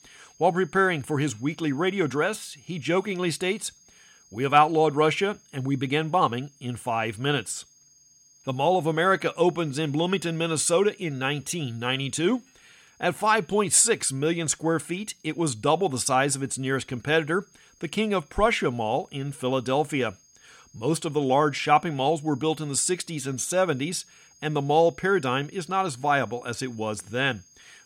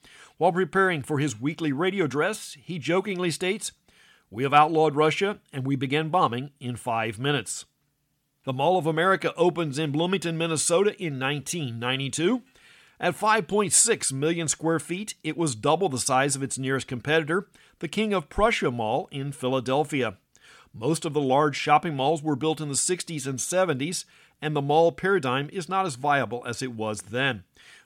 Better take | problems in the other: second | high-pitched whine; faint; throughout; 6.5 kHz, 30 dB below the speech

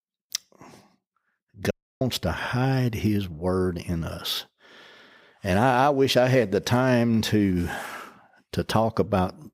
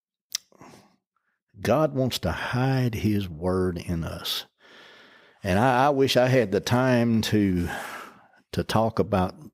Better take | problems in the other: second | audio cutting out; at 1.5 s

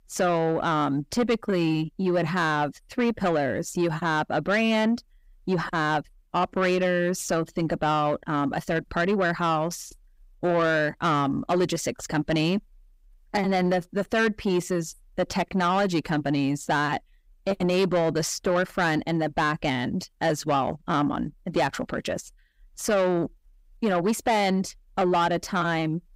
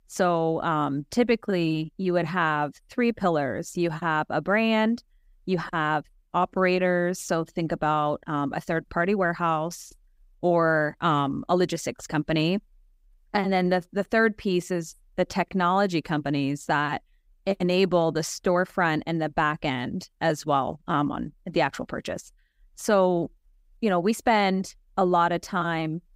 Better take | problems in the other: second | distortion; slight; 10 dB below the speech

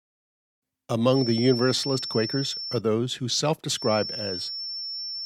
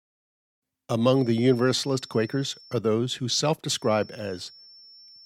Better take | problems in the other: second | high-pitched whine; loud; from 1 to 3 s and from 4 s on; 5.5 kHz, 6 dB below the speech; faint in the second

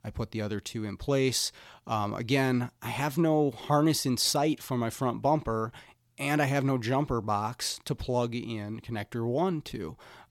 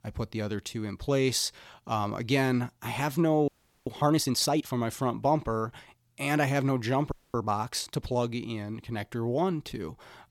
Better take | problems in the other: first | audio freezing; at 3.5 s and at 7 s

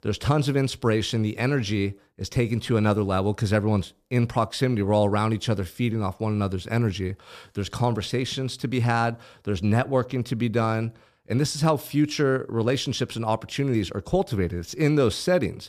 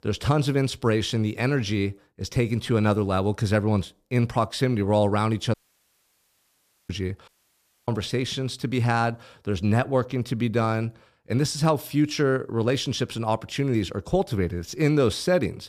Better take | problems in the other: first | audio cutting out; at 5.5 s for 1.5 s and at 7.5 s for 0.5 s

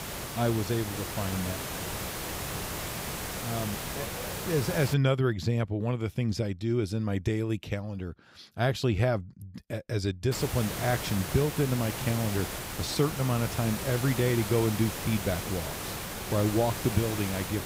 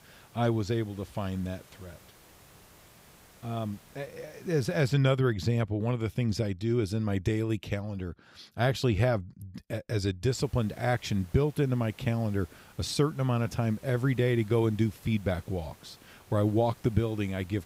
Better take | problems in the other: second | hiss; loud; until 5 s and from 10 s on; 5 dB below the speech; faint in the second

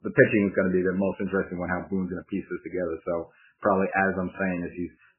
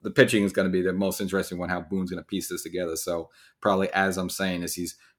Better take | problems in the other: second | garbled, watery; badly; nothing above 2.5 kHz

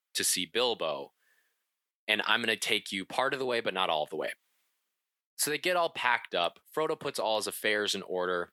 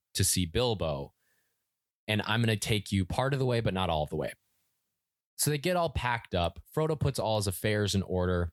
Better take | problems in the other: second | thin; very; fading below 300 Hz

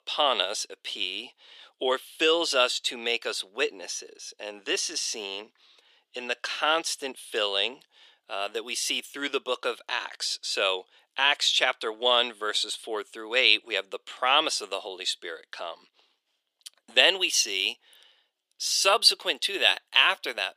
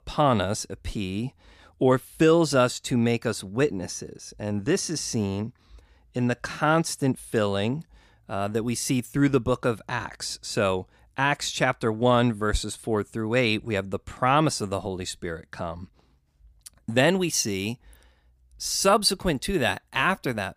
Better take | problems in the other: second | thin; very; fading below 400 Hz

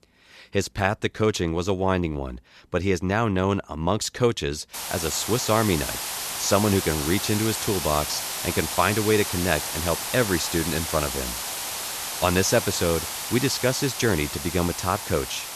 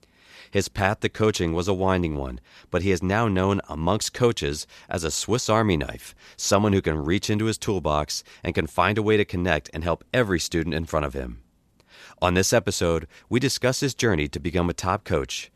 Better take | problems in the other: second | hiss; loud; from 4.5 s on; 4 dB below the speech

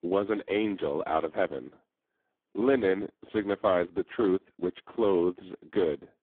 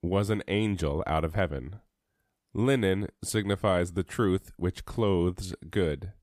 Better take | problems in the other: second | phone-call audio; poor line

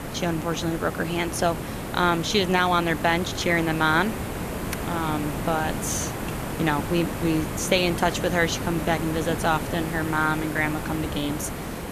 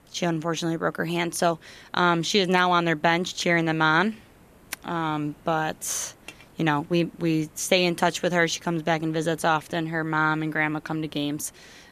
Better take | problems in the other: second | hiss; loud; throughout; 6 dB below the speech; faint in the second

